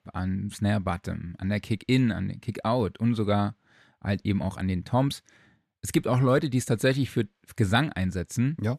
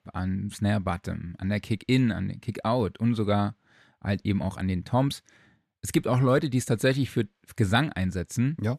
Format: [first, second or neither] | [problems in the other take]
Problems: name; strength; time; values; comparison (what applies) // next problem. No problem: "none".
neither | none